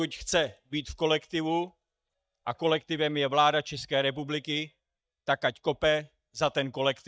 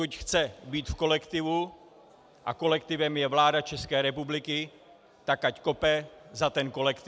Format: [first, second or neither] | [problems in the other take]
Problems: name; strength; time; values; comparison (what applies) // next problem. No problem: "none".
second | noise reduction (neural mask model DeepFilterNet 3)